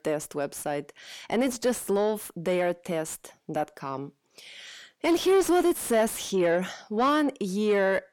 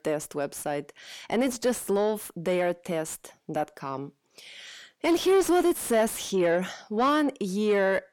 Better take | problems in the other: neither | distortion; slight; 10 dB below the speech; the same in both

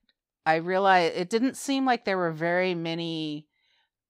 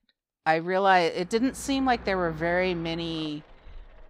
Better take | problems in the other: first | traffic noise; faint; from 1.5 s on; 20 dB below the speech

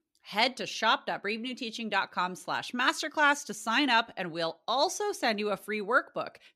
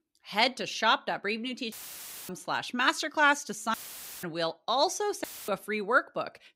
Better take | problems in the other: first | audio cutting out; filled with static; at 1.5 s for 0.5 s, at 3.5 s and at 5 s

